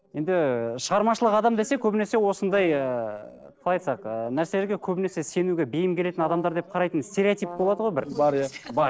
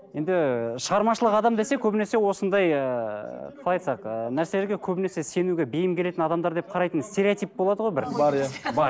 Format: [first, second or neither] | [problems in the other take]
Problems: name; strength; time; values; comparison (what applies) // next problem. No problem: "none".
second | noise reduction (neural separator model SepFormer DNS4)